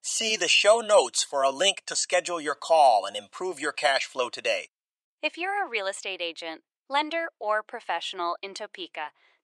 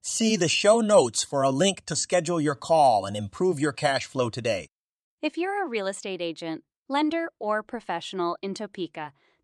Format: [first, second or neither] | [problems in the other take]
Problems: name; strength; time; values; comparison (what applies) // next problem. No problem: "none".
second | thin; very; fading below 650 Hz